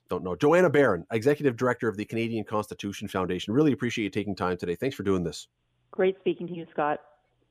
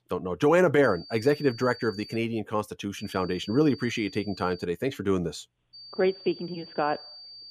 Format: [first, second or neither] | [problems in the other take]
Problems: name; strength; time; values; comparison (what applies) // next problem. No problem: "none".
first | high-pitched whine; noticeable; from 1 to 2 s, from 3 to 4.5 s and from 5.5 s on; 4.5 kHz, 20 dB below the speech